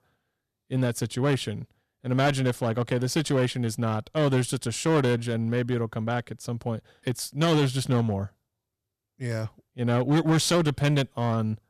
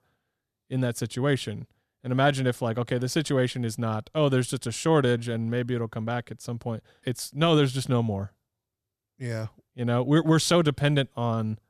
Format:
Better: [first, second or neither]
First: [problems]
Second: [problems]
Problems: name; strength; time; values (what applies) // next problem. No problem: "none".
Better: second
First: distortion; slight; 6% of the sound clipped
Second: none